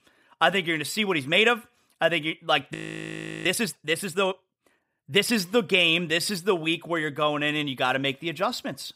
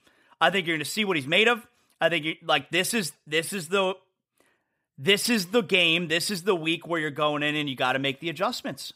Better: second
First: audio freezing; at 2.5 s for 0.5 s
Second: none

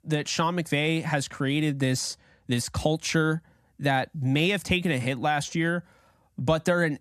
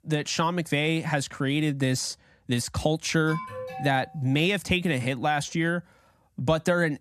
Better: first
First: none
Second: alarm; noticeable; at 3.5 s; peak 10 dB below the speech

